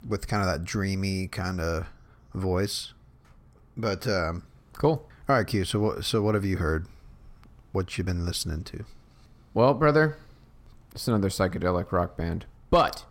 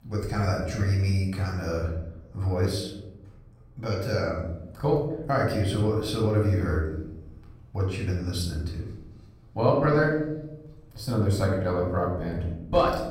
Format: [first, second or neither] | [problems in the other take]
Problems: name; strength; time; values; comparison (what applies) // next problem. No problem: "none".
first | off-mic speech; far // room echo; noticeable; dies away in 1 s